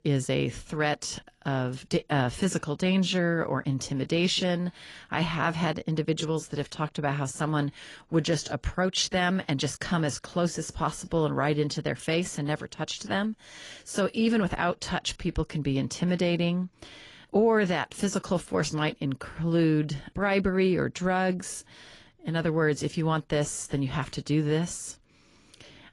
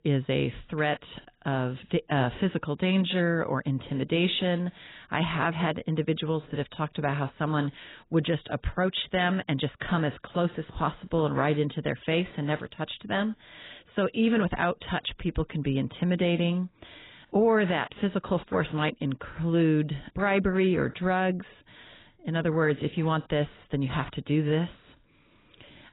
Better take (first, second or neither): first